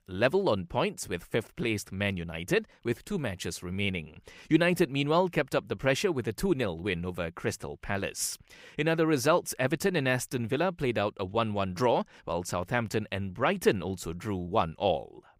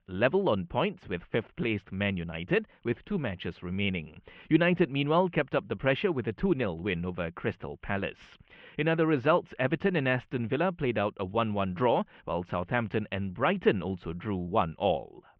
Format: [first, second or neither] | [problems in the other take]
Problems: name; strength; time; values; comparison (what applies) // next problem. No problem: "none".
first | muffled; very; fading above 3 kHz